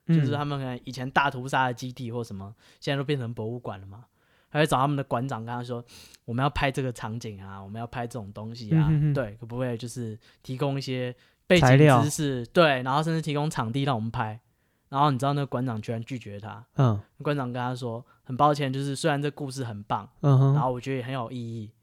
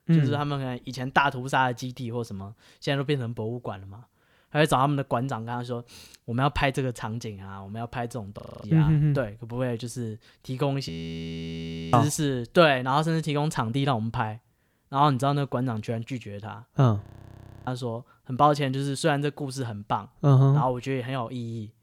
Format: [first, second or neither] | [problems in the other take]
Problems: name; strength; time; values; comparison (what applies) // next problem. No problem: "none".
first | audio freezing; at 8.5 s, at 11 s for 1 s and at 17 s for 0.5 s